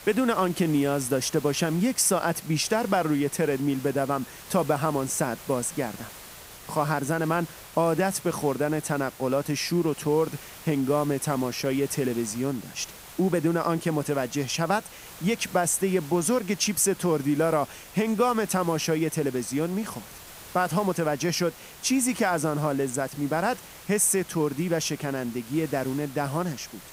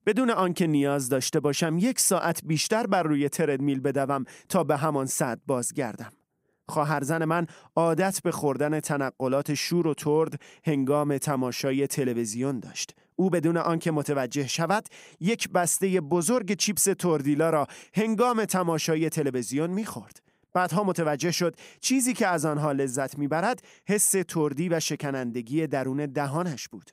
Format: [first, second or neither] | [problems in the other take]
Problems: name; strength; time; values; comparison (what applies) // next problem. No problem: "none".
second | hiss; noticeable; throughout; 15 dB below the speech